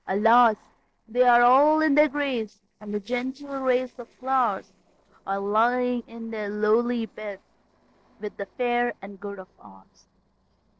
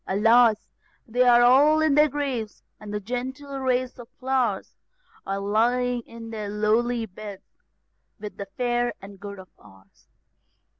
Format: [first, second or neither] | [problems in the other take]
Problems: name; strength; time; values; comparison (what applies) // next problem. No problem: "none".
second | noise reduction (neural separator model SepFormer DNS4)